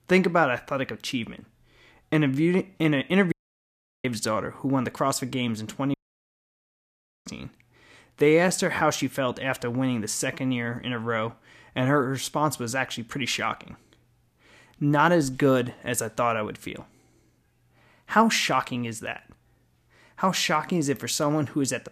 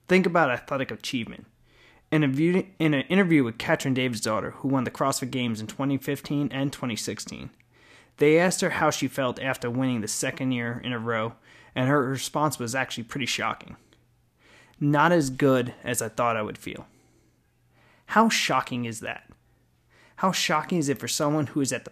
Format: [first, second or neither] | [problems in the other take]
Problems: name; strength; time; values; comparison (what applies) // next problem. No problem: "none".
second | audio cutting out; at 3.5 s for 0.5 s and at 6 s for 1.5 s